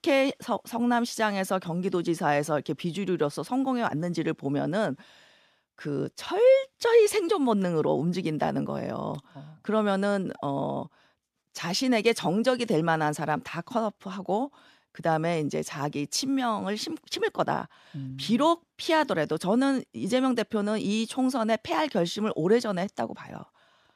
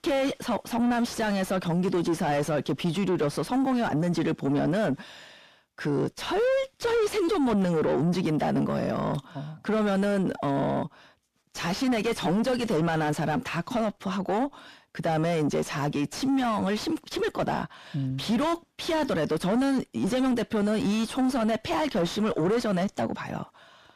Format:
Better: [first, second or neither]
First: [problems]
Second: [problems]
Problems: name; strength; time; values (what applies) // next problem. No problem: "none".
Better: first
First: none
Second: distortion; heavy; 5 dB below the speech